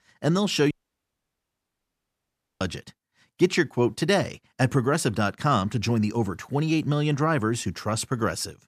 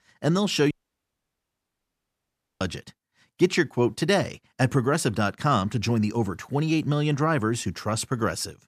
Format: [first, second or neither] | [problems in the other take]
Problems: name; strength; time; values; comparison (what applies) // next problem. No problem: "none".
neither | audio cutting out; at 0.5 s for 2 s; the same in both